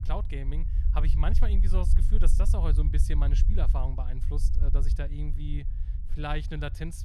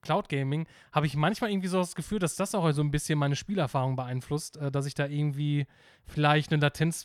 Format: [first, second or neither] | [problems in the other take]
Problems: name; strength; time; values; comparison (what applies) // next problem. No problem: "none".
second | low rumble; loud; throughout; 9 dB below the speech